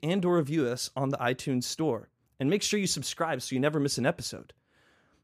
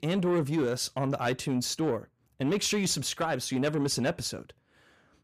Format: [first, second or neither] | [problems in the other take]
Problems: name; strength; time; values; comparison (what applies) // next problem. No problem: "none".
first | distortion; slight; 10 dB below the speech